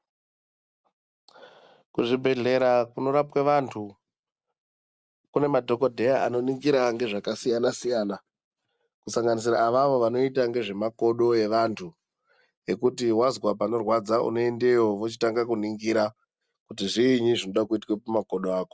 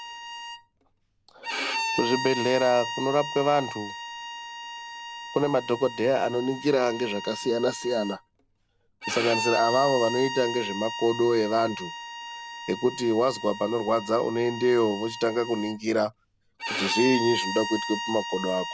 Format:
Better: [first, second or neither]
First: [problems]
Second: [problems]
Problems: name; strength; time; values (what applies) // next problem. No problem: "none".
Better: first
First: none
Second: background sound (Bowed string instrument); 8 dB below the speech